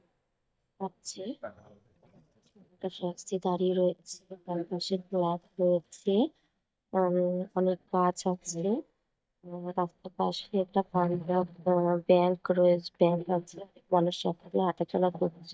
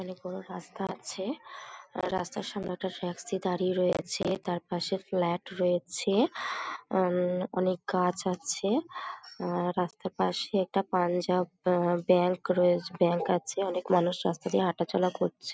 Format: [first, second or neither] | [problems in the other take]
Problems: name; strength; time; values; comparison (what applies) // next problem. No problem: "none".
second | noise reduction (neural mask model DeepFilterNet 3)